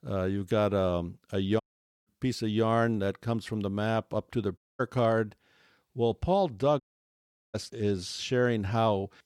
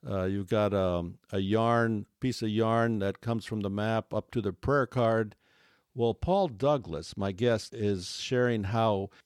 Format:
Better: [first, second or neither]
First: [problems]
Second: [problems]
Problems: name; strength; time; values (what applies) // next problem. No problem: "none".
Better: second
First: audio cutting out; at 1.5 s, at 4.5 s and at 7 s for 0.5 s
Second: none